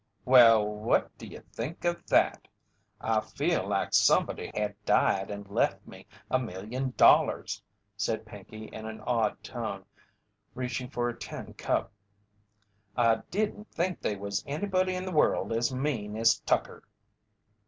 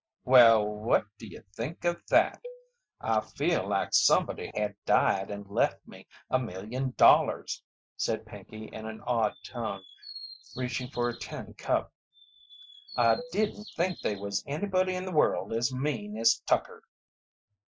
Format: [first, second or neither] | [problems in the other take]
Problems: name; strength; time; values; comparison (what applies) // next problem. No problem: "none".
first | noise reduction (classical method Wiener filter)